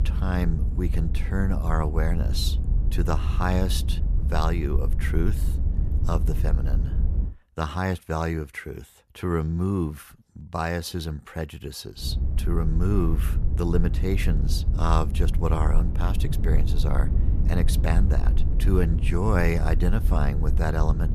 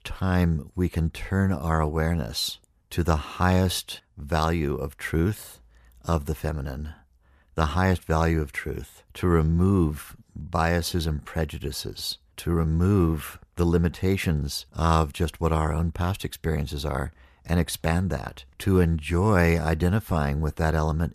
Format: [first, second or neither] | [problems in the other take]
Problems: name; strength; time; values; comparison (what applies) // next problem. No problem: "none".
second | low rumble; noticeable; until 7.5 s and from 12 s on; 10 dB below the speech